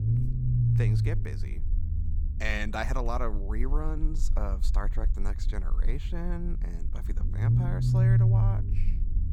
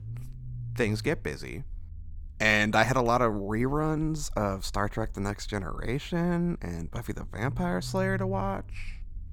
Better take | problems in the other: second | low rumble; loud; throughout; 2 dB below the speech; faint in the second

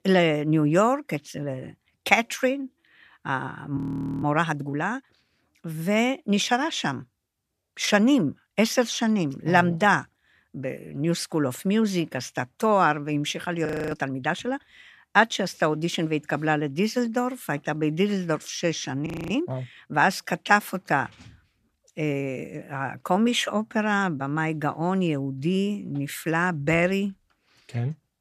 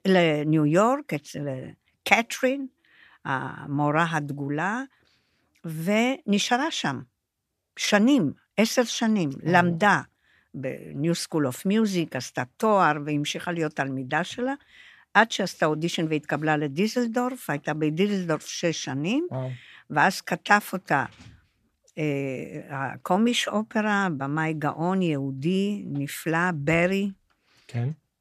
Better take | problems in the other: second | audio freezing; at 4 s, at 14 s and at 19 s

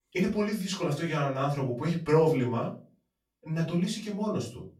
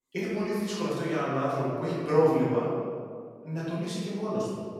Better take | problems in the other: first | room echo; strong; dies away in 1.7 s; slight in the first // off-mic speech; far; far in the first

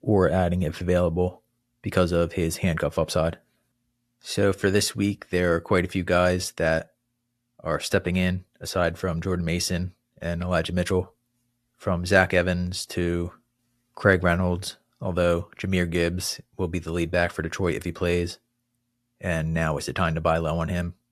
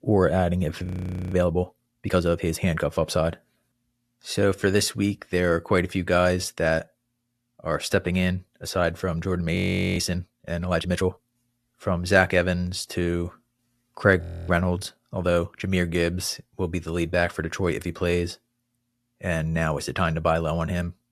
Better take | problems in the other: first | audio freezing; at 1 s, at 9.5 s and at 14 s

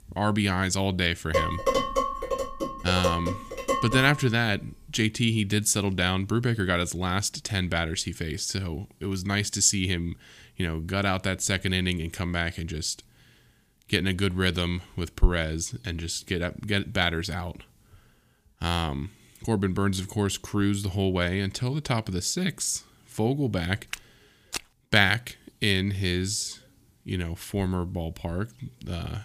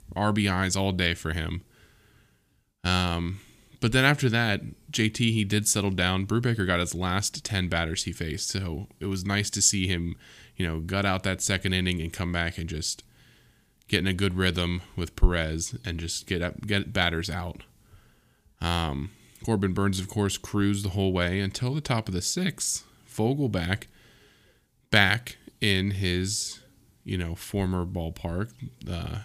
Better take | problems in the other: second | clattering dishes; loud; from 1.5 to 4 s; peak 1 dB above the speech // footsteps; noticeable; at 24 s; peak 9 dB below the speech

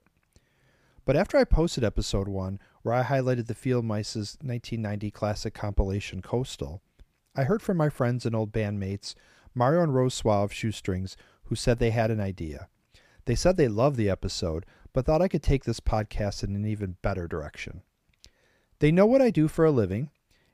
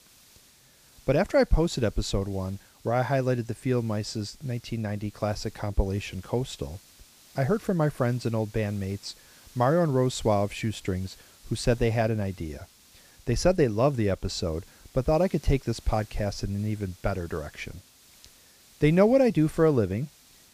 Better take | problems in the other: first | hiss; faint; throughout; 25 dB below the speech

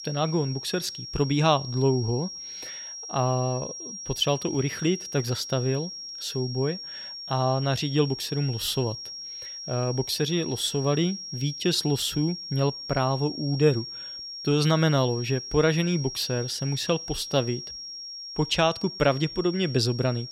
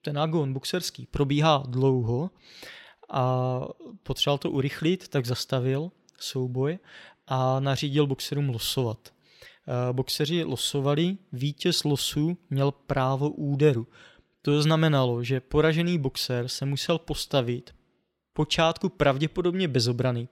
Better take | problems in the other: second | high-pitched whine; loud; throughout; 5.5 kHz, 9 dB below the speech

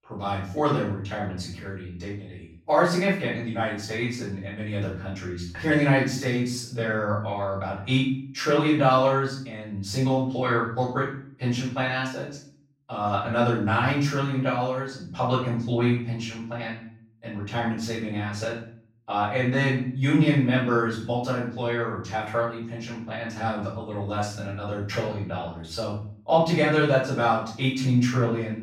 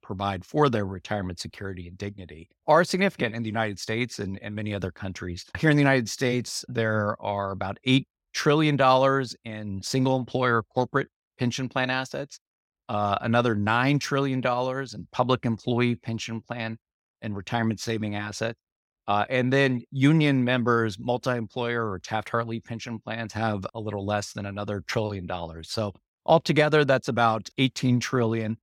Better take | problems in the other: second | room echo; noticeable; dies away in 0.5 s // off-mic speech; far

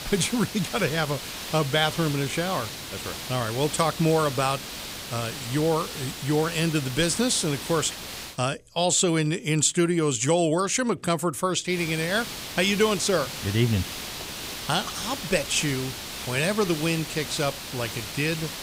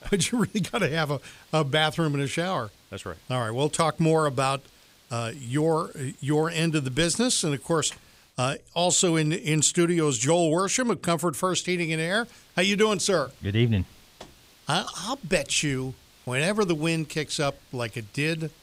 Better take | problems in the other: second | hiss; loud; until 8.5 s and from 12 s on; 8 dB below the speech; faint in the second

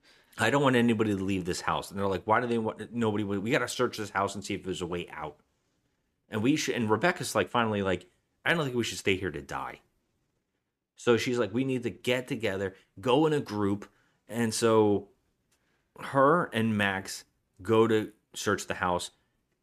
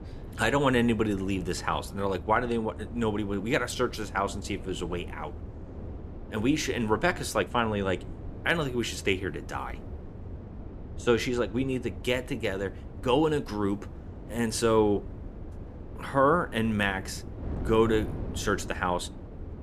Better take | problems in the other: first | wind noise on the microphone; occasional gusts; 20 dB below the speech

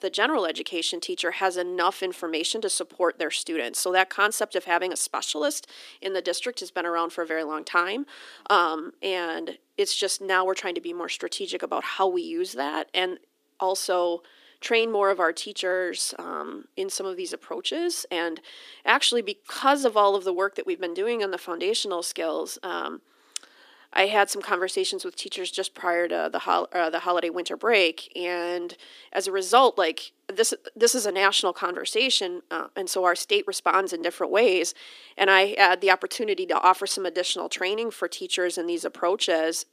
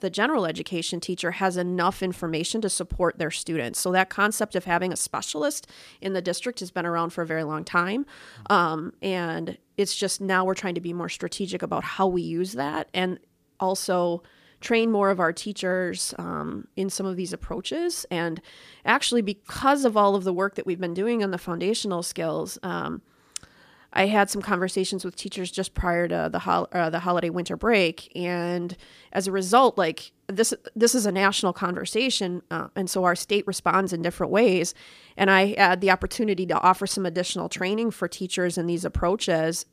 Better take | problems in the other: second | thin; somewhat; fading below 300 Hz

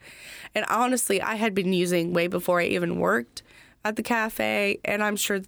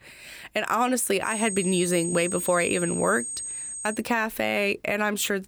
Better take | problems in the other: first | high-pitched whine; loud; from 1.5 to 4 s; 8.5 kHz, 5 dB below the speech

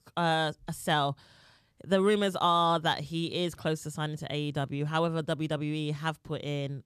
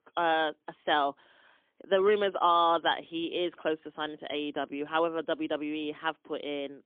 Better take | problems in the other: first | phone-call audio; poor line; nothing above 3.5 kHz

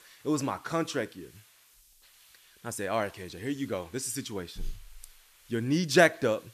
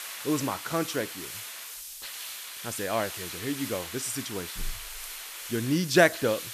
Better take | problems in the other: first | hiss; loud; throughout; 8 dB below the speech; faint in the first

